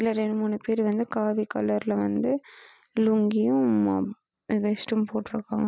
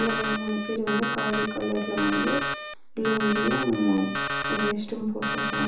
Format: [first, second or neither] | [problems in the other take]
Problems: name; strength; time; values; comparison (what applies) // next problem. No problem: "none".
first | background sound (Alarm); 3 dB below the speech // room echo; dies away in 0.6 s